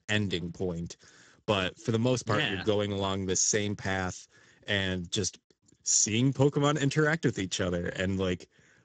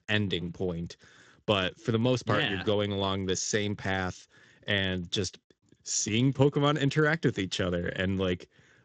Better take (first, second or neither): second